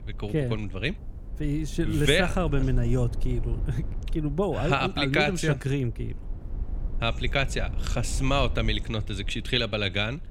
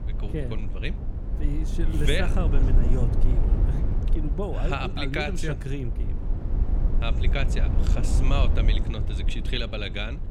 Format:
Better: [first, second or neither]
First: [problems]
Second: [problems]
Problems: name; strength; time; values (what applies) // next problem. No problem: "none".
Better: first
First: low rumble; faint; throughout; 20 dB below the speech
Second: low rumble; loud; throughout; 8 dB below the speech